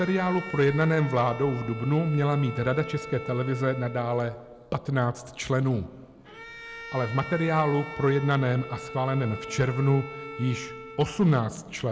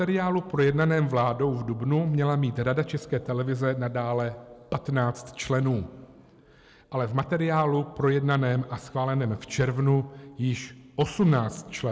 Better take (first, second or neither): second